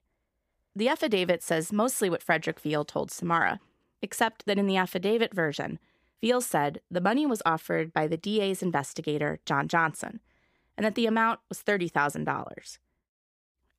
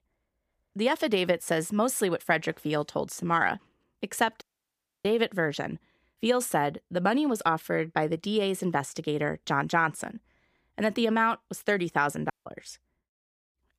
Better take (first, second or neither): first